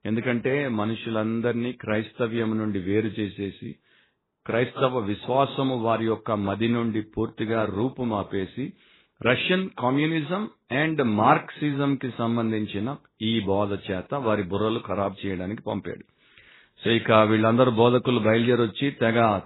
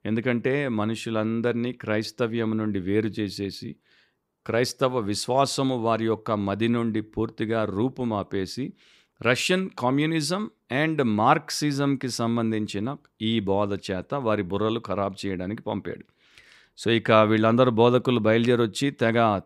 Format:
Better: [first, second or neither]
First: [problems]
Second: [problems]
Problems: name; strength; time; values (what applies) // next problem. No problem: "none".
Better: second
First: garbled, watery; badly; nothing above 4 kHz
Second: none